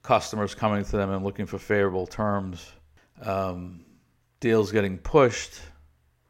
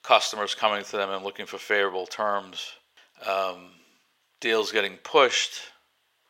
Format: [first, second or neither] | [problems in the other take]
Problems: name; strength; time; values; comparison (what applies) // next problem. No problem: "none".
first | thin; very; fading below 600 Hz